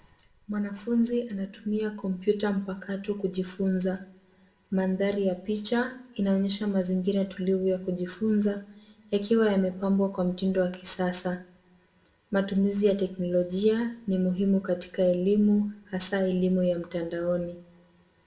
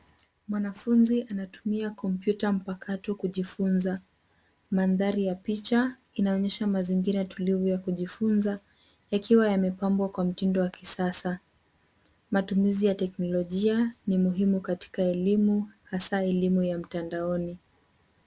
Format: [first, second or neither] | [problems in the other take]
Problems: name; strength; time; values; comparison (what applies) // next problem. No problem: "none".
second | room echo; dies away in 0.4 s